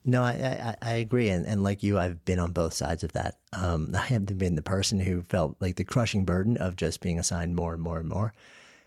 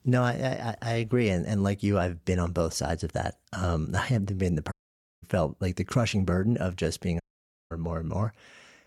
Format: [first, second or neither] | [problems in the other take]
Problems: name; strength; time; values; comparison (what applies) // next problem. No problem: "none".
first | audio cutting out; at 4.5 s for 0.5 s and at 7 s for 0.5 s